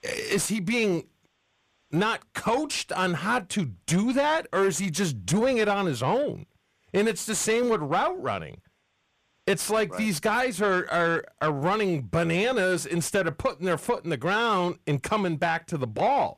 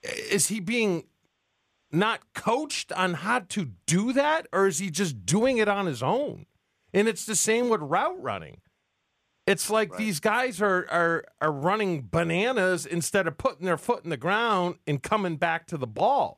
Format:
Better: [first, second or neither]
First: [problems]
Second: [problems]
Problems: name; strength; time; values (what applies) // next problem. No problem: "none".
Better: second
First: distortion; slight; 10 dB below the speech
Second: none